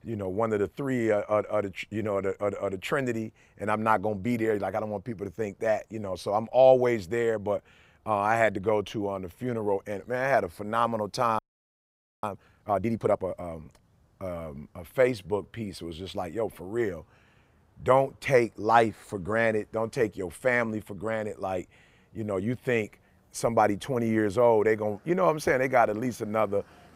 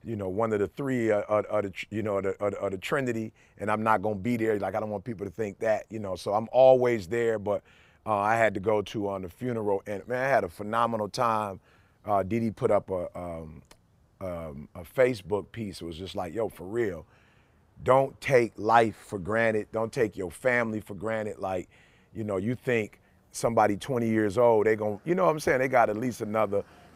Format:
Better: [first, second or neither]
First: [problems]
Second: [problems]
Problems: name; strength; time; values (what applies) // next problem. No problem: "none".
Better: second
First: audio freezing; at 11 s for 1 s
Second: none